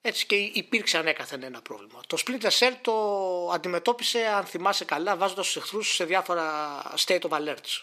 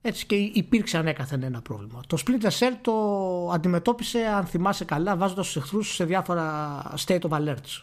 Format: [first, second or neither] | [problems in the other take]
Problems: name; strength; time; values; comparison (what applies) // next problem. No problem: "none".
second | thin; somewhat; fading below 350 Hz